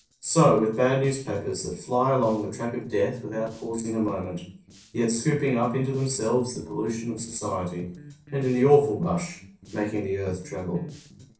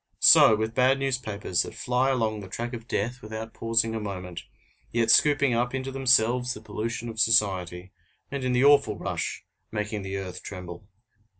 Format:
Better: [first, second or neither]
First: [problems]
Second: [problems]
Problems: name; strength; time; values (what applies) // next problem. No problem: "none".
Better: second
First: noise reduction (neural separator model SepFormer DNS4)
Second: none